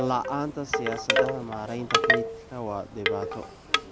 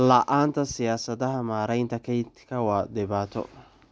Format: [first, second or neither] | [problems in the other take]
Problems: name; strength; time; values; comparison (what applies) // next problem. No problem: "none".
second | background sound (Wind chime / Wood); 4 dB above the speech